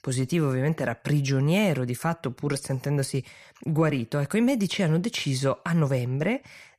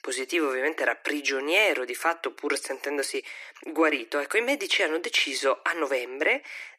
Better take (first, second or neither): first